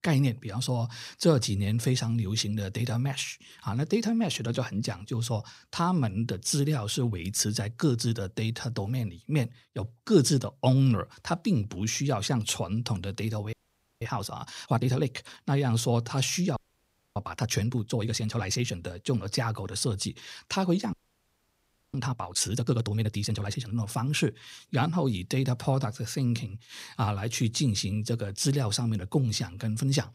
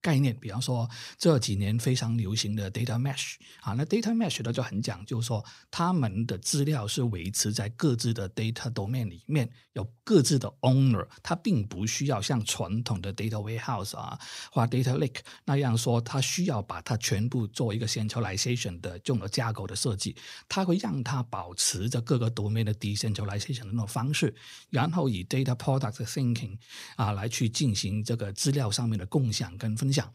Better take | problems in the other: second | audio freezing; at 14 s, at 17 s for 0.5 s and at 21 s for 1 s

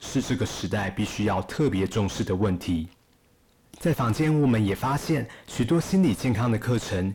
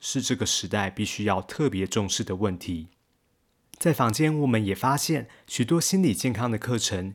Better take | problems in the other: second | distortion; heavy; 5 dB below the speech

